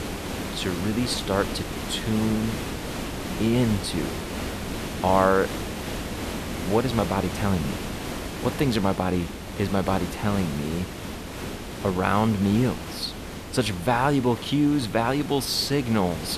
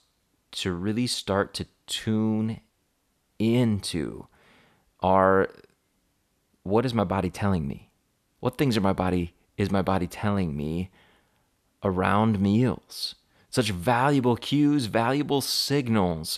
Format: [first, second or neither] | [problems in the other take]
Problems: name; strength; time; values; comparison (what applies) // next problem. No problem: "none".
second | hiss; loud; throughout; 8 dB below the speech